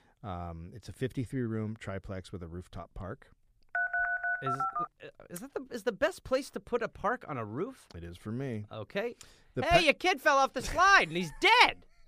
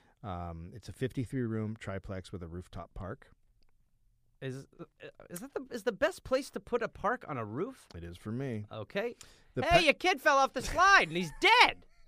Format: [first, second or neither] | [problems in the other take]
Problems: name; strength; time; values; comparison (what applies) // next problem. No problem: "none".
second | phone ringing; noticeable; from 3.5 to 5 s; peak 1 dB below the speech